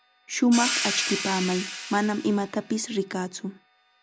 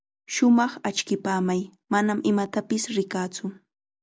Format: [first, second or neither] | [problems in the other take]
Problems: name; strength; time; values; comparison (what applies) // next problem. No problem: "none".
second | background sound (Hi-hat); 6 dB below the speech